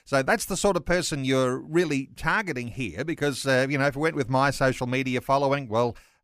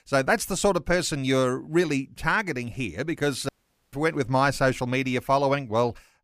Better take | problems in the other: first | audio cutting out; at 3.5 s

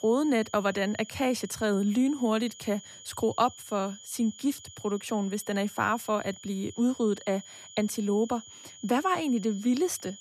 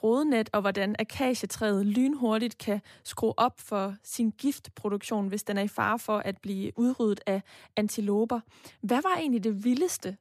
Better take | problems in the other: second | high-pitched whine; noticeable; throughout; 7 kHz, 15 dB below the speech

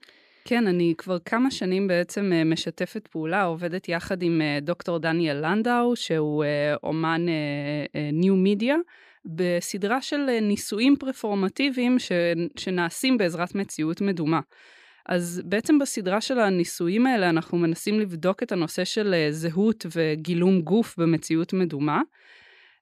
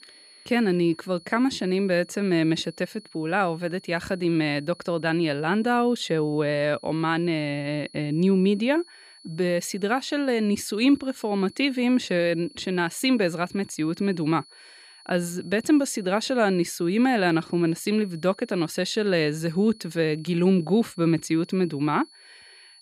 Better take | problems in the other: first | high-pitched whine; faint; throughout; 4.5 kHz, 25 dB below the speech

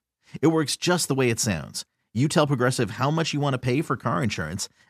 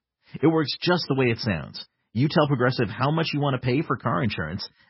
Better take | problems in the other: first | garbled, watery; badly; nothing above 5.5 kHz

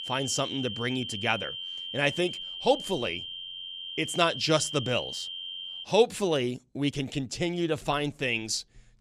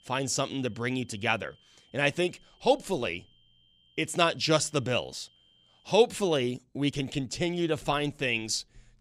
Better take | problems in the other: second | high-pitched whine; loud; until 6 s; 3 kHz, 7 dB below the speech; faint in the second

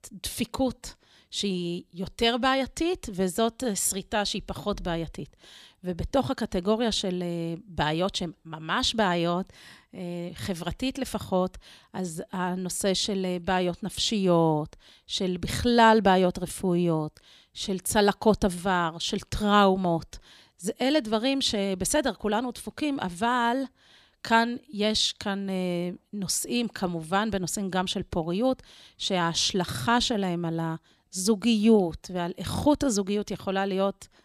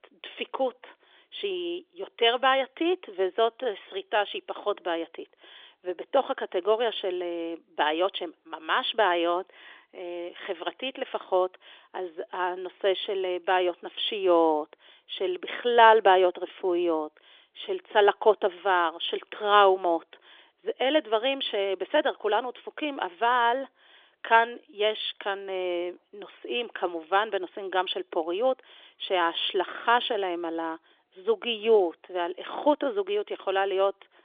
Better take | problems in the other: first | phone-call audio; nothing above 3.5 kHz

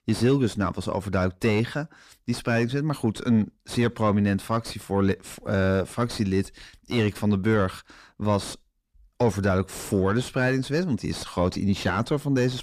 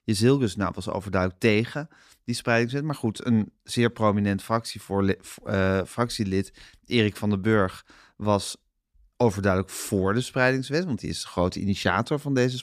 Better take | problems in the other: second | distortion; slight; 10 dB below the speech

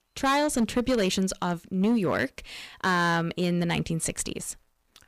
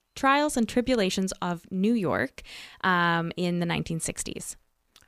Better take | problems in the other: second | distortion; slight; 6% of the sound clipped

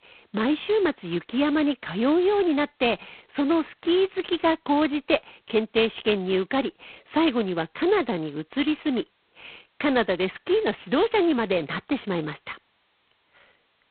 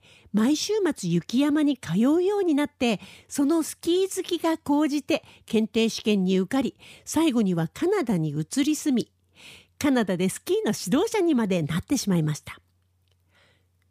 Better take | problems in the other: second | phone-call audio; poor line; nothing above 4 kHz

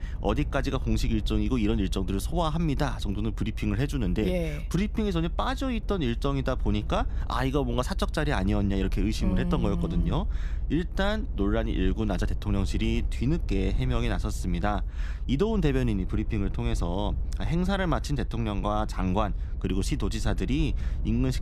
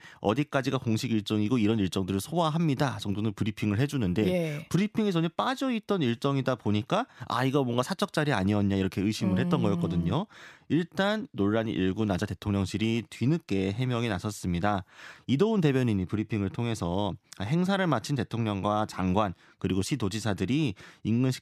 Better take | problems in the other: second | low rumble; faint; throughout; 20 dB below the speech

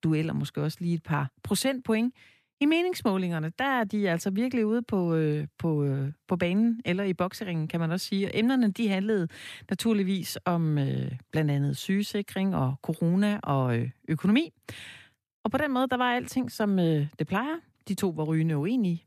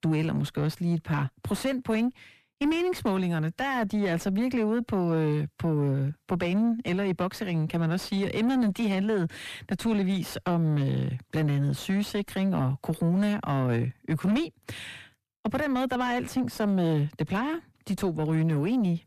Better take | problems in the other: first | distortion; slight; 10 dB below the speech

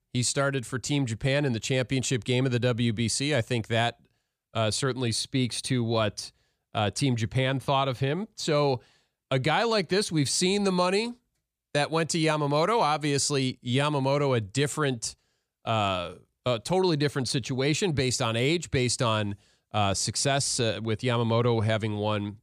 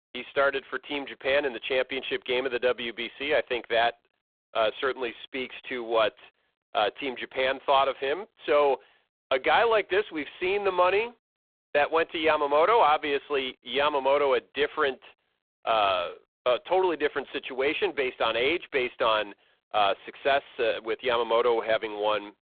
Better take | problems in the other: first | phone-call audio; poor line

